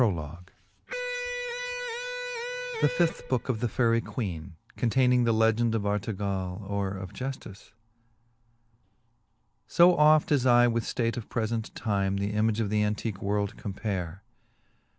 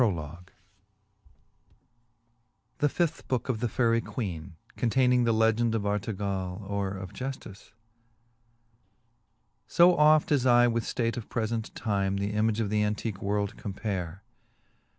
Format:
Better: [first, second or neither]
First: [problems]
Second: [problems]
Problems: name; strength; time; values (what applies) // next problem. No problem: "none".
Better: second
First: background sound (Electric guitar); 7 dB below the speech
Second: none